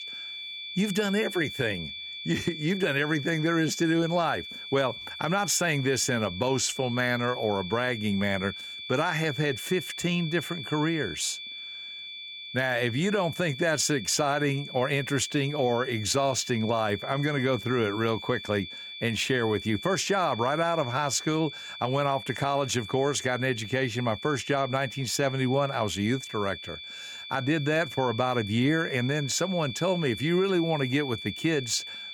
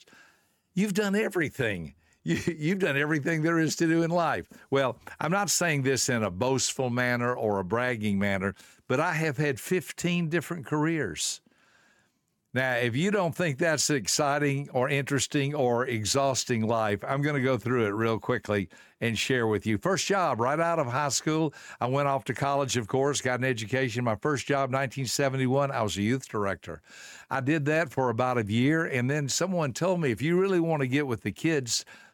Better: second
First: high-pitched whine; loud; throughout; 3.5 kHz, 10 dB below the speech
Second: none

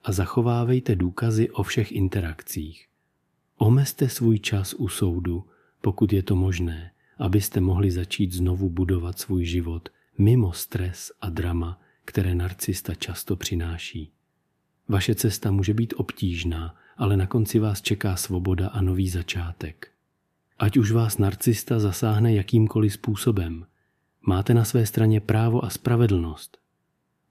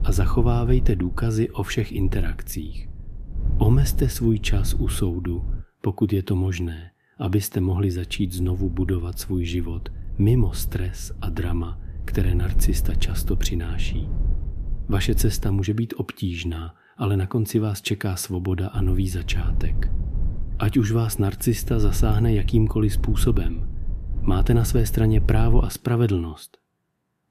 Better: first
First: none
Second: low rumble; noticeable; until 5.5 s, from 8 to 16 s and from 19 to 26 s; 15 dB below the speech

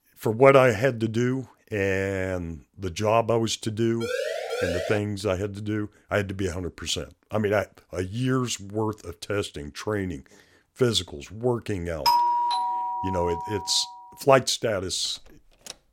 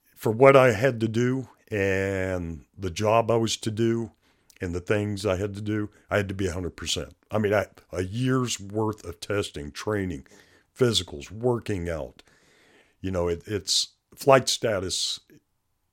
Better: second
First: siren; noticeable; at 4 s; peak 3 dB below the speech // doorbell; loud; from 12 to 14 s; peak 5 dB above the speech // door banging; faint; at 15 s; peak 15 dB below the speech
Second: none

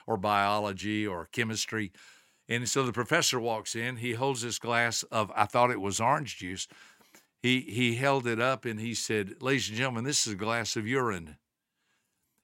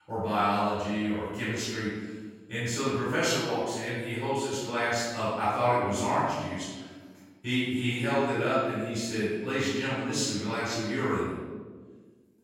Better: first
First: none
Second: off-mic speech; far // room echo; strong; dies away in 1.4 s

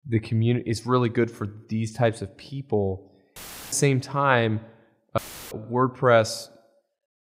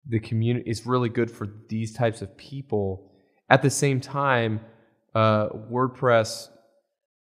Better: second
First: audio cutting out; filled with static; at 3.5 s and at 5 s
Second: none

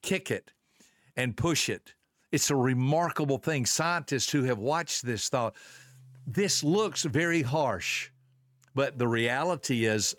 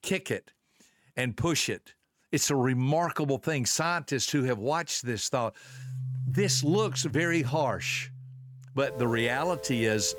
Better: first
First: background music; faint; from 6 s on; 30 dB below the speech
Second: background music; loud; from 6 s on; 10 dB below the speech

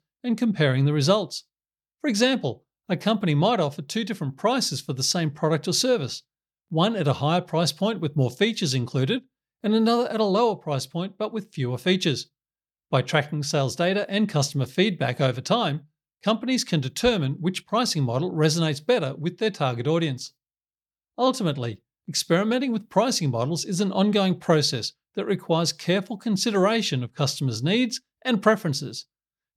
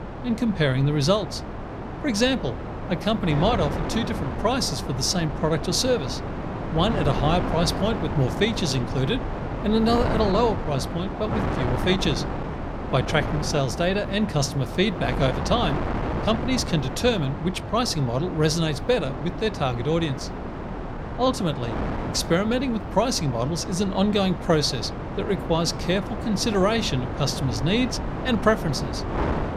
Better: first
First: none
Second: wind noise on the microphone; heavy; 7 dB below the speech

